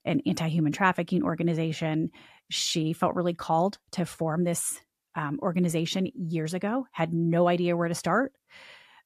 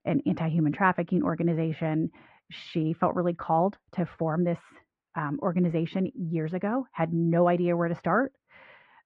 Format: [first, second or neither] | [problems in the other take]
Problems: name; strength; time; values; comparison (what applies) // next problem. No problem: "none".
first | muffled; very; fading above 2 kHz